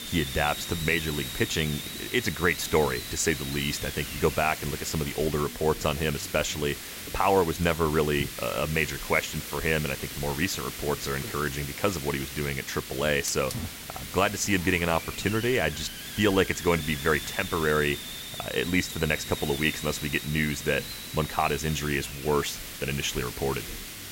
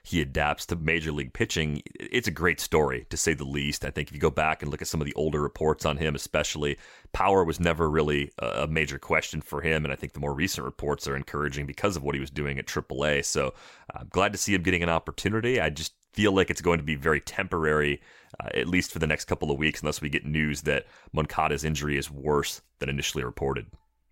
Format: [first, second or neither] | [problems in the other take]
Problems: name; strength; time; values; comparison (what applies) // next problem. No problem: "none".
second | hiss; loud; throughout; 8 dB below the speech